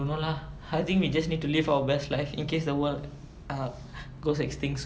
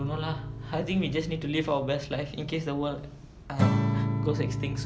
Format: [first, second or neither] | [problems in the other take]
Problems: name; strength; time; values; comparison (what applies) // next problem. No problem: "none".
first | background sound (Acoustic guitar / Strum); 1 dB below the speech